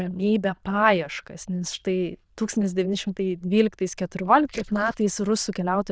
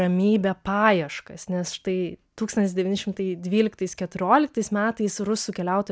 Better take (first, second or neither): second